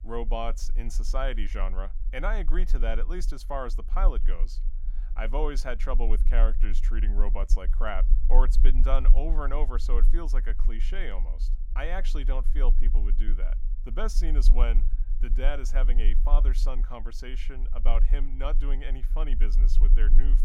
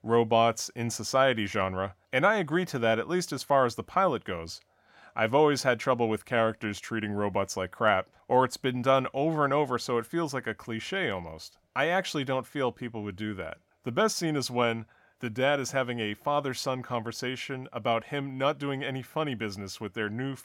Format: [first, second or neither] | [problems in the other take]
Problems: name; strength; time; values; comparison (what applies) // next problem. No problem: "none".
second | low rumble; noticeable; throughout; 15 dB below the speech